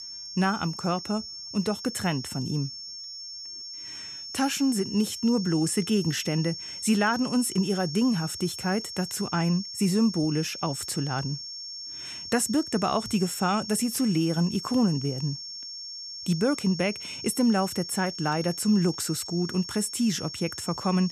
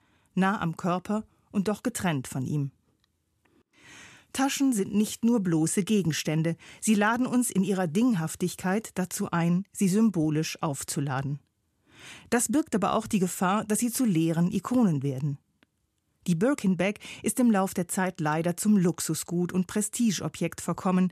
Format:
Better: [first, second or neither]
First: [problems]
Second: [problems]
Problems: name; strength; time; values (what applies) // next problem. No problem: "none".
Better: second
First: high-pitched whine; loud; throughout; 5.5 kHz, 9 dB below the speech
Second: none